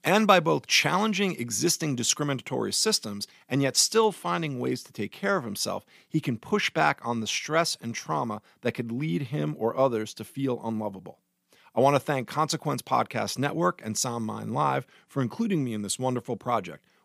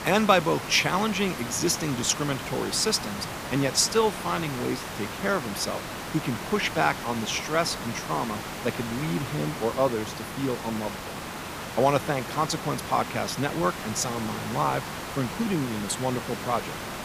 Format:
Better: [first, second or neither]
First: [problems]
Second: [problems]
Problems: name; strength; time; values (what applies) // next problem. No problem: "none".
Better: first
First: none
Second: hiss; loud; throughout; 7 dB below the speech